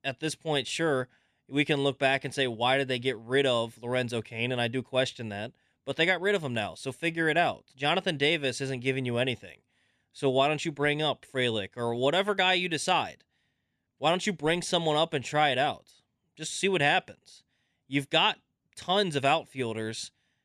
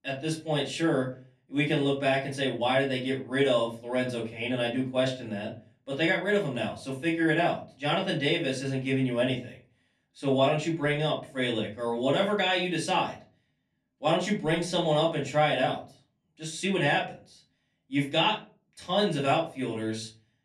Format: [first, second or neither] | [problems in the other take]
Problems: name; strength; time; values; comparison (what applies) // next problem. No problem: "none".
first | off-mic speech; far // room echo; very slight; dies away in 0.3 s